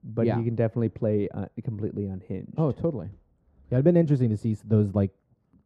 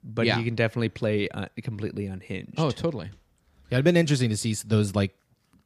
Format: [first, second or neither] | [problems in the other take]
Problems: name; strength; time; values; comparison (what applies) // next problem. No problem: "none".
second | muffled; very; fading above 1.5 kHz